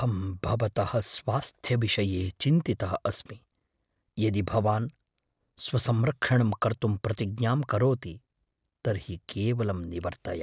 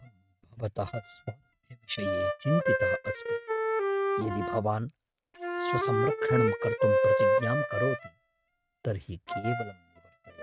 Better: first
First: none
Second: noise reduction (neural mask model RNNoise)

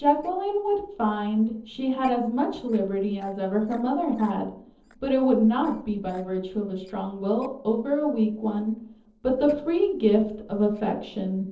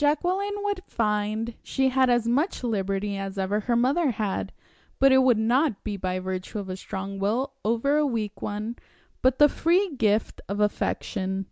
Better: second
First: noise reduction (neural separator model SepFormer DNS4)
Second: none

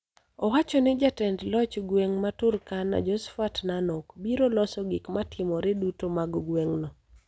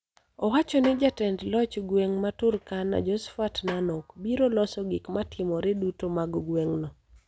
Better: first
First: none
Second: background sound (Snare drum); 17 dB below the speech

